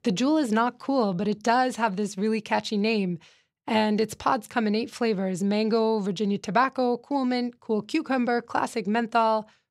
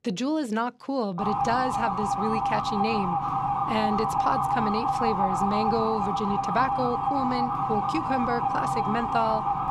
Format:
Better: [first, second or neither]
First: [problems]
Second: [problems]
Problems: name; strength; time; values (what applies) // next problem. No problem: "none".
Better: first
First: none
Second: siren; loud; from 1 s on; peak 4 dB above the speech